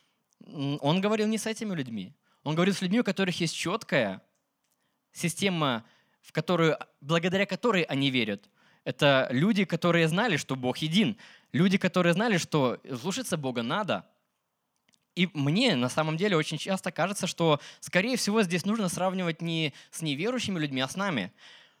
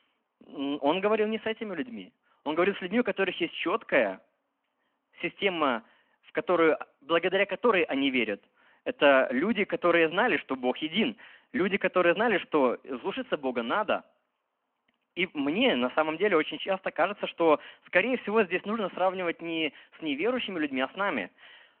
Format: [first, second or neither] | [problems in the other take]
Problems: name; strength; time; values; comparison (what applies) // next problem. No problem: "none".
first | phone-call audio